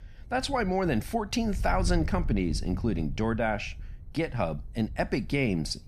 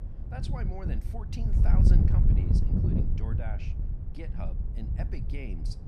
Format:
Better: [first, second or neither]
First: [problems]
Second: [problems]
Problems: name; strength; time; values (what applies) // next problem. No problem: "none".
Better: first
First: wind noise on the microphone; occasional gusts; 25 dB below the speech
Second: wind noise on the microphone; heavy; 3 dB above the speech